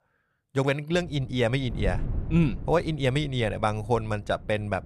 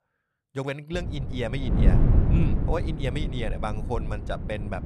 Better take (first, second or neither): first